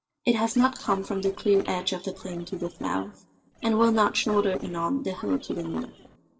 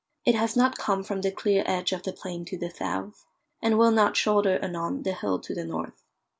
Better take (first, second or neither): second